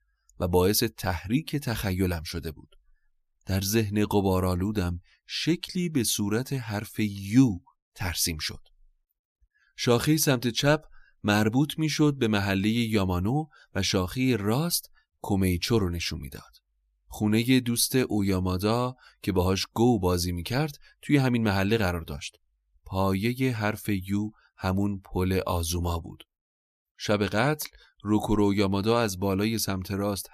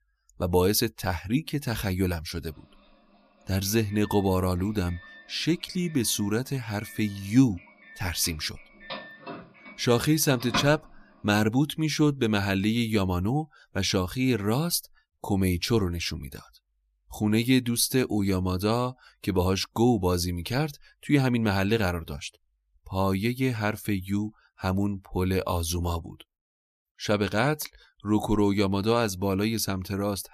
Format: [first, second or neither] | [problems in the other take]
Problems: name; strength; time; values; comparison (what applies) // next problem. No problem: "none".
first | doorbell; noticeable; from 4.5 to 11 s; peak 4 dB below the speech